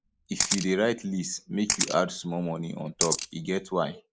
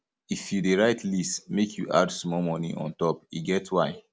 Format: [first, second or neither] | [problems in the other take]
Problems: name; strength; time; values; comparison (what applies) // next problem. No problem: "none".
second | noise reduction (neural mask model Resemble Enhance denoiser)